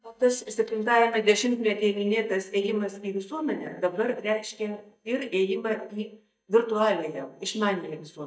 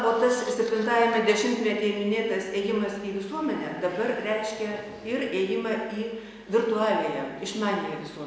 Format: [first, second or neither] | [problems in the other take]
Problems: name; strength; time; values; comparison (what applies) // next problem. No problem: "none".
second | noise reduction (neural mask model DeepFilterNet 3)